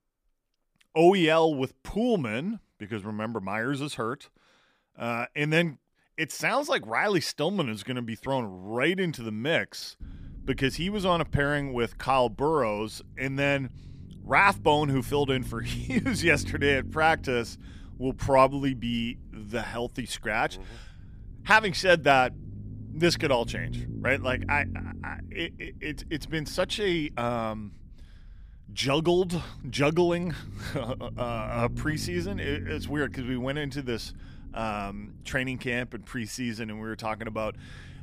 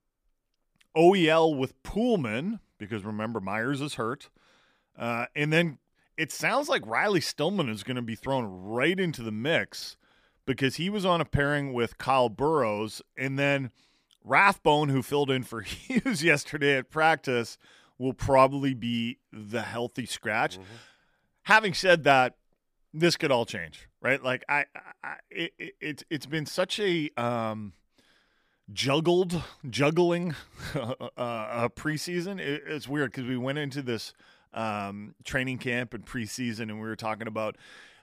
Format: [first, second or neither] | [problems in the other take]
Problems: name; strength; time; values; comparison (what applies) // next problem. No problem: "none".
second | low rumble; faint; from 10 s on; 25 dB below the speech